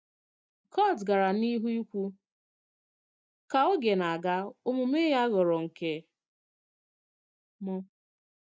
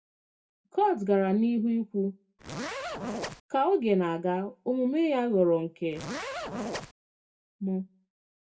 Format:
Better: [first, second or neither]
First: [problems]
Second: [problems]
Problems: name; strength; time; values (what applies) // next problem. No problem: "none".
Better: first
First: none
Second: background sound (Zipper (clothing)); 6 dB below the speech // room echo; dies away in 0.2 s